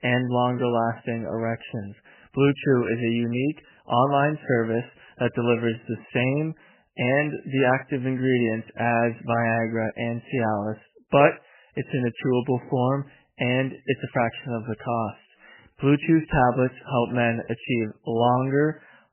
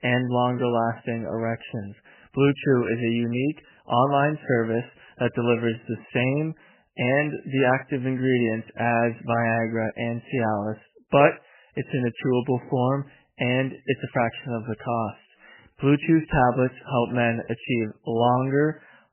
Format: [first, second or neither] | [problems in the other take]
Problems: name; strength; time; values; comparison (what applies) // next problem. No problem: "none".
neither | garbled, watery; badly; nothing above 3 kHz; the same in both